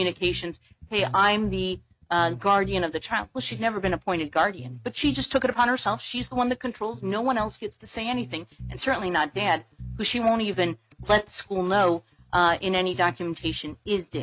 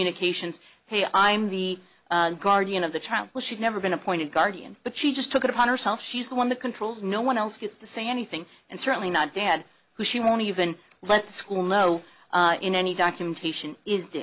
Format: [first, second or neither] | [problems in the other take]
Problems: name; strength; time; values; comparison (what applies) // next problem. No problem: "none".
second | noise reduction (neural mask model RNNoise)